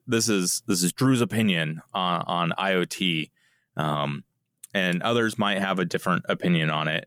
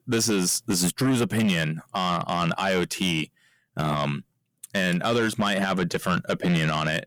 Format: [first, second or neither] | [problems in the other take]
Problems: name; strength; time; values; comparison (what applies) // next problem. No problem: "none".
first | distortion; slight; 10 dB below the speech